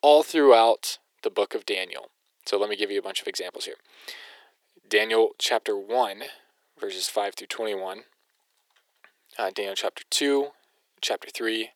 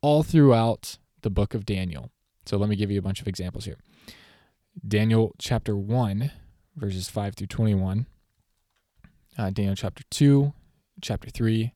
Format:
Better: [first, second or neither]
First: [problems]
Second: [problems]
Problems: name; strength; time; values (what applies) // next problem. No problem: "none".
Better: second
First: thin; very; fading below 350 Hz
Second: none